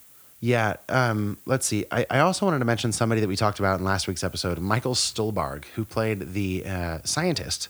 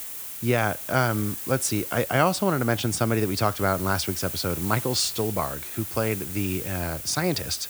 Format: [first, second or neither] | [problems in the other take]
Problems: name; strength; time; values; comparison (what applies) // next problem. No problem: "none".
first | hiss; loud; throughout; 7 dB below the speech; faint in the first